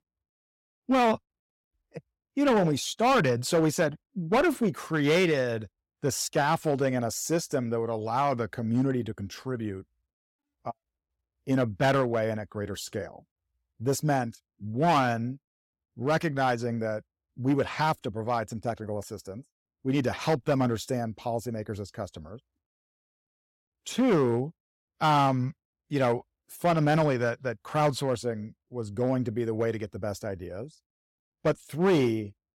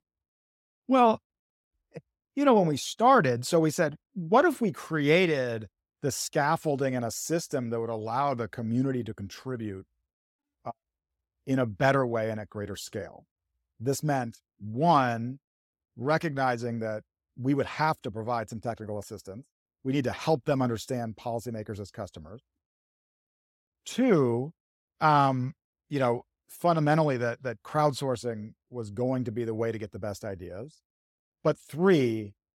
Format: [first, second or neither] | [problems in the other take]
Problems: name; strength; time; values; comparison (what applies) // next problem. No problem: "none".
second | distortion; slight; 4% of the sound clipped